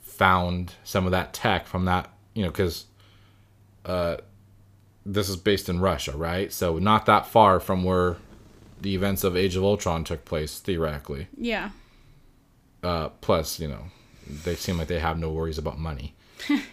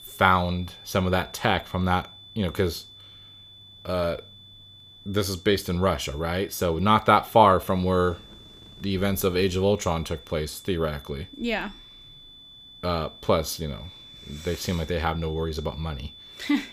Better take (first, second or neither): first